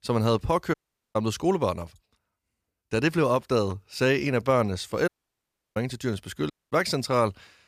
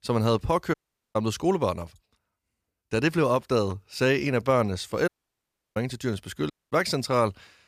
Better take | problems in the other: neither | audio cutting out; at 0.5 s, at 5 s for 0.5 s and at 6.5 s; the same in both

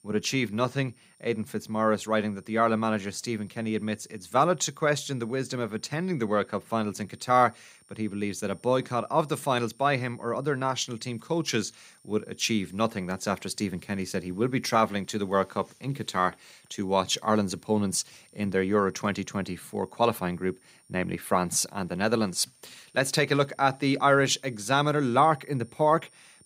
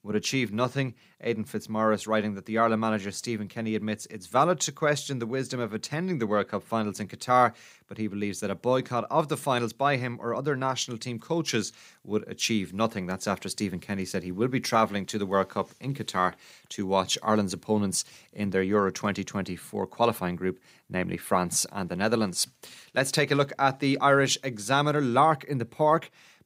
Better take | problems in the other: second | high-pitched whine; faint; throughout; 9 kHz, 30 dB below the speech

